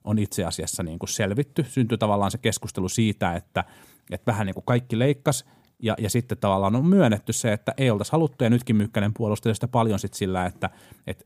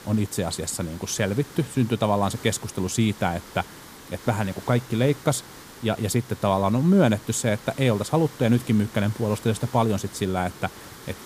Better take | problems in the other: first | hiss; noticeable; throughout; 20 dB below the speech

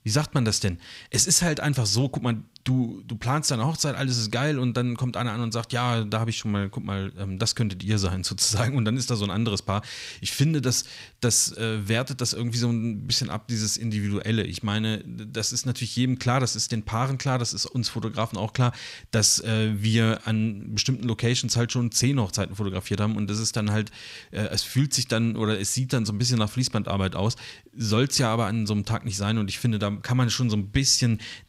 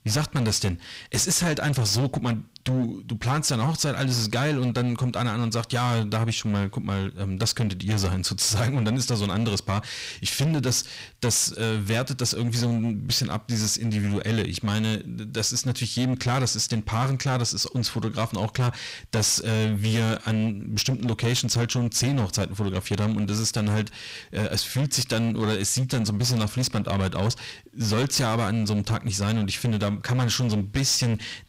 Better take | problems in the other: first | distortion; slight; 16% of the sound clipped

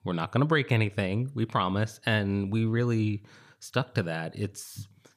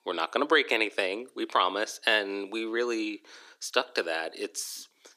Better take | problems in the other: first | thin; very; fading below 300 Hz

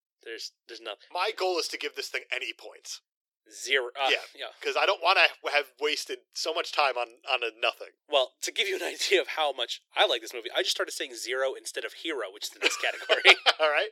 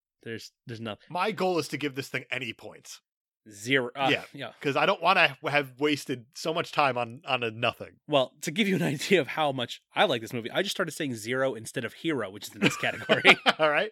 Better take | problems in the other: second | thin; very; fading below 350 Hz

